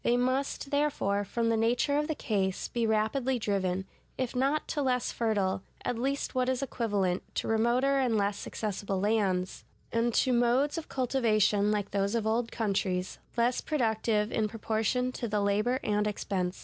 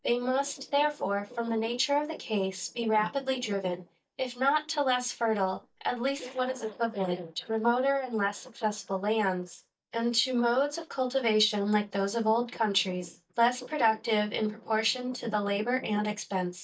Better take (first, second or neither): first